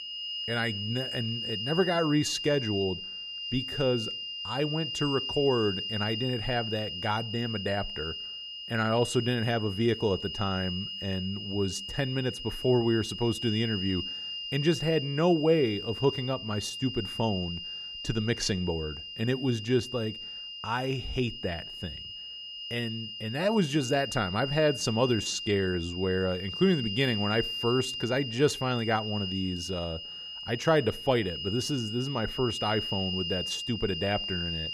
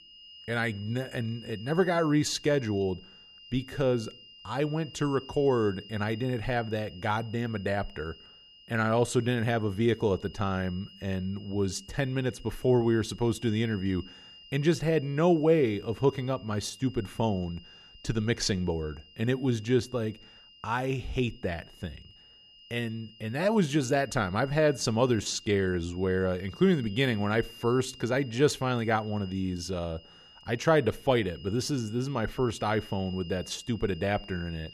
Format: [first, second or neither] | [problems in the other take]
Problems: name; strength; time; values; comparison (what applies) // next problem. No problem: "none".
second | high-pitched whine; loud; throughout; 3 kHz, 5 dB below the speech; faint in the second